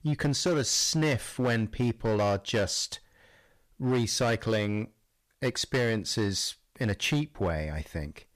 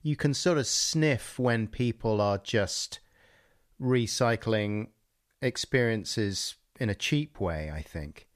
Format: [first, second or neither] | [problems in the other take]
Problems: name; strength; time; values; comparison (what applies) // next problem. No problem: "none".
second | distortion; slight; 8% of the sound clipped